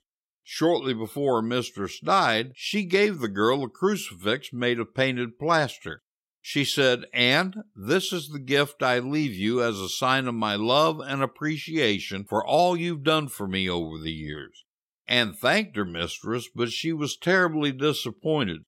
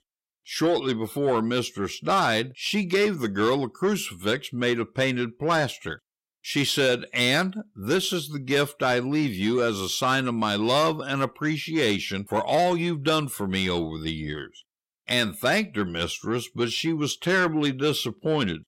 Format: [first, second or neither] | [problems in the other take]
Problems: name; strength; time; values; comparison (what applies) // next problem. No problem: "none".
first | distortion; slight; 10 dB below the speech